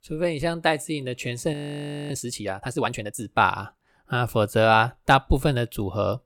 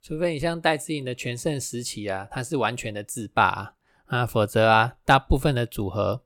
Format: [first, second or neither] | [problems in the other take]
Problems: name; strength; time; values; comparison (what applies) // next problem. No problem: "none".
second | audio freezing; at 1.5 s for 0.5 s